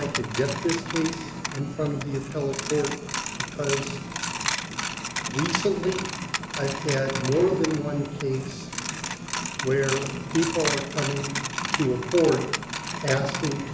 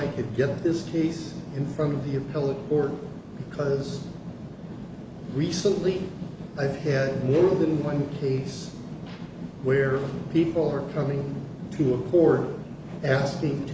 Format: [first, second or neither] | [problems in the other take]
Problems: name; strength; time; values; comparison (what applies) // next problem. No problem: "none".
second | background sound (Coin (dropping)); 5 dB below the speech